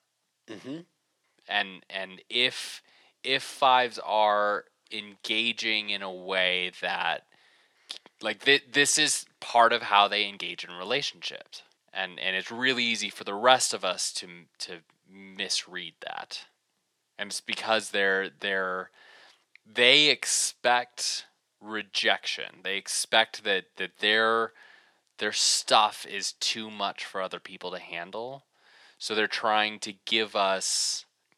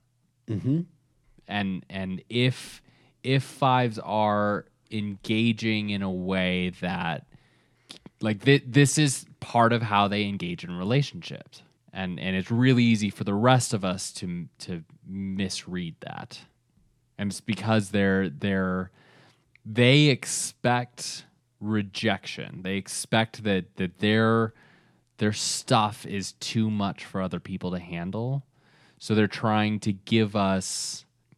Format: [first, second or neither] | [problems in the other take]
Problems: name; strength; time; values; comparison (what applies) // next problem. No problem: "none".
second | thin; very; fading below 600 Hz